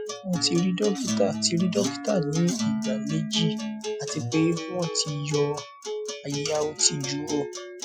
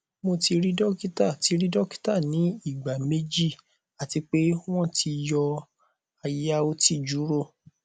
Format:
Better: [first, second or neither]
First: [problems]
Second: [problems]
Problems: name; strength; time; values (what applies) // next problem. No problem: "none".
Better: second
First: noise reduction (classical method Wiener filter)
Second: none